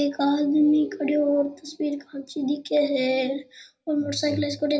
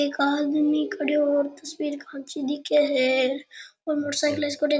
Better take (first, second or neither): second